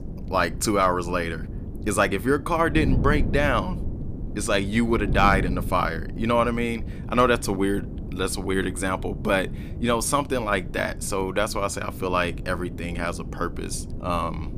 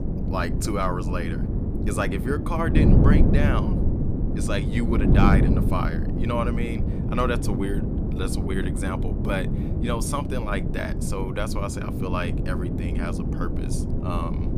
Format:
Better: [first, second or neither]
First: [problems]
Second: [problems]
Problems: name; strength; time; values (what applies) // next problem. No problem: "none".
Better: first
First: wind noise on the microphone; occasional gusts; 15 dB below the speech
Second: wind noise on the microphone; heavy; 3 dB below the speech